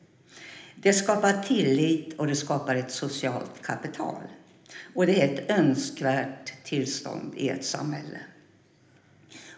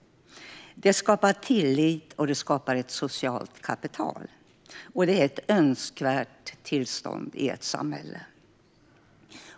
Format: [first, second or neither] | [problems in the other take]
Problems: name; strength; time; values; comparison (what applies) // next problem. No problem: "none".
second | room echo; dies away in 0.8 s